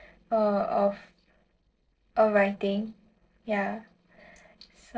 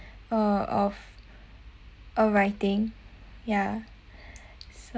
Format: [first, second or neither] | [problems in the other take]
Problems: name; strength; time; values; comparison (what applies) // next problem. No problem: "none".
second | noise reduction (neural separator model SepFormer DNS4)